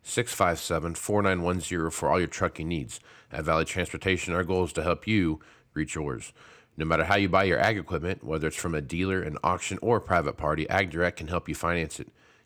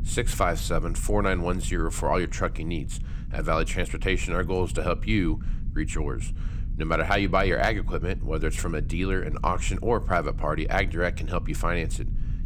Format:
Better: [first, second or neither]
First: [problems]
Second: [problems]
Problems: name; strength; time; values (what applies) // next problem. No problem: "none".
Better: first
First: none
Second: low rumble; faint; throughout; 20 dB below the speech